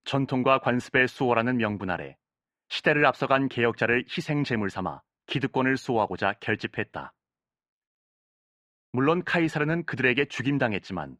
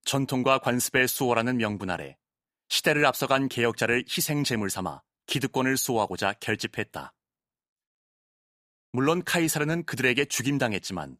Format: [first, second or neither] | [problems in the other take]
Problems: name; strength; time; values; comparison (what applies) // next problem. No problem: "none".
second | muffled; slightly; fading above 2 kHz